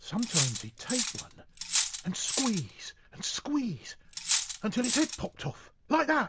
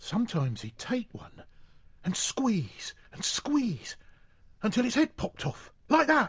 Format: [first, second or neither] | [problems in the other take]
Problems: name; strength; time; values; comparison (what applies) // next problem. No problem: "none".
second | background sound (Cutlery, silverware); as loud as the speech